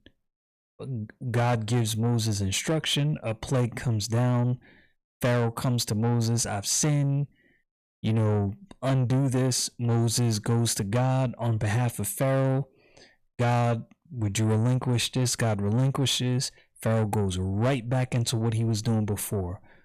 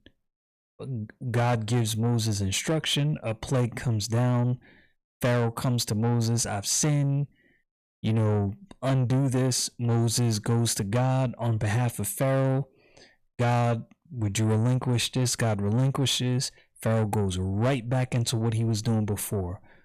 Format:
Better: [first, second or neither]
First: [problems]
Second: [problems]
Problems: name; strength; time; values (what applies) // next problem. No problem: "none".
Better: neither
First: distortion; slight; 10 dB below the speech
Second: distortion; slight; 10 dB below the speech